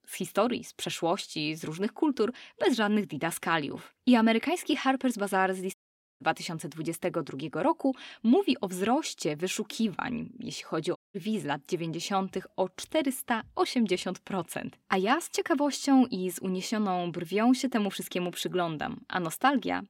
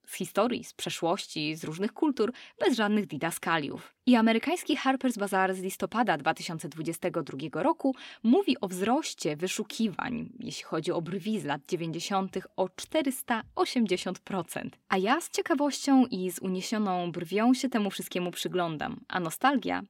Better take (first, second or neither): second